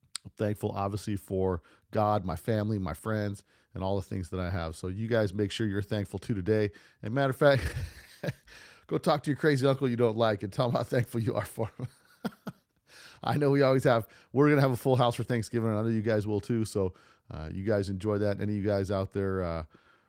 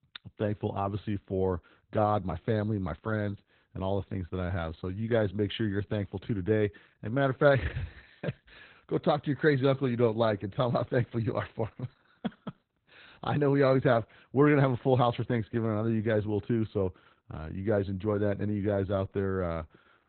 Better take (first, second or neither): first